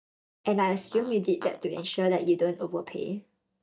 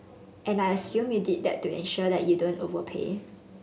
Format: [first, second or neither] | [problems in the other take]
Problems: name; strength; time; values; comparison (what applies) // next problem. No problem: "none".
second | noise reduction (neural mask model DeepFilterNet 3)